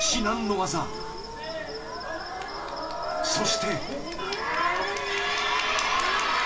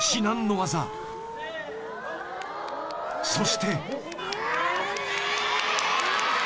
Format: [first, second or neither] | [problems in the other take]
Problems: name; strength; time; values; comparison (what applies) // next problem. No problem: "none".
second | background sound (Insect); 13 dB below the speech // room echo; dies away in 2.6 s